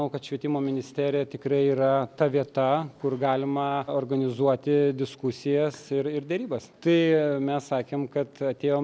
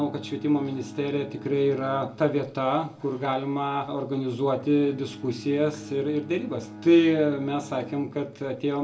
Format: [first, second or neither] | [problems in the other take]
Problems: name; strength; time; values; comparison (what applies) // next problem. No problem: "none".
first | background sound (Bowed string instrument); 17 dB below the speech // room echo; dies away in 0.3 s